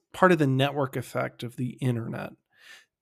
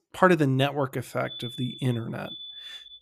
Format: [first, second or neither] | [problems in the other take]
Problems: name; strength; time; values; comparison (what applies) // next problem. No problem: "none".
first | alarm; faint; from 1.5 s on; peak 10 dB below the speech